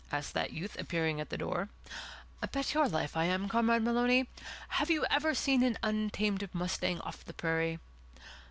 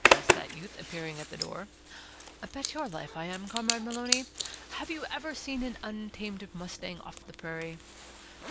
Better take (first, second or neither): first